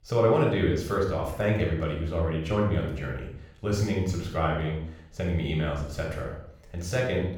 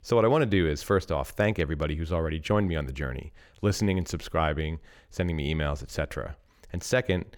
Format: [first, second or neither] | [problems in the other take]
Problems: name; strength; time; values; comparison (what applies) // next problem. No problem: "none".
second | off-mic speech; far // room echo; noticeable; dies away in 0.6 s